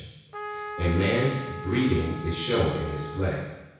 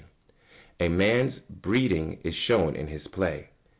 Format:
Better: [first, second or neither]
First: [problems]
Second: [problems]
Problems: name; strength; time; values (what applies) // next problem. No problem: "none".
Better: second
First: background sound (Trumpet); 11 dB below the speech // room echo; dies away in 1.1 s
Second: none